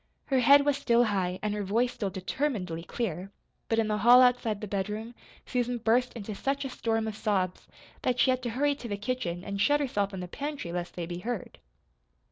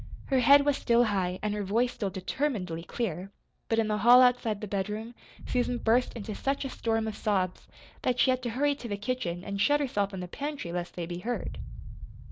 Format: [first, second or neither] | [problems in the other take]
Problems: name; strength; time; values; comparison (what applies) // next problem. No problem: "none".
first | background sound (Boom); 14 dB below the speech